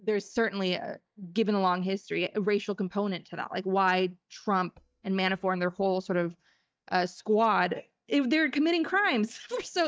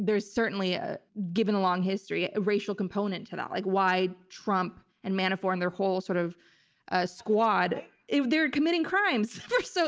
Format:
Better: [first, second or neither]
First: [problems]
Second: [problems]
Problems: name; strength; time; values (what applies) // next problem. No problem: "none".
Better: second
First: noise reduction (neural mask model DeepFilterNet 3)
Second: none